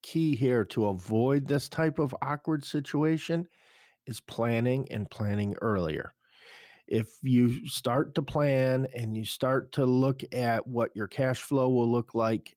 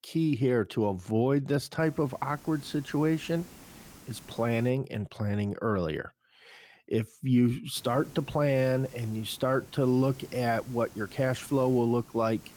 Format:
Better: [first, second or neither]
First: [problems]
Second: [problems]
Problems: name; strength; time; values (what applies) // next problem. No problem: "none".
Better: first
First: none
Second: hiss; faint; from 2 to 4.5 s and from 8 s on; 20 dB below the speech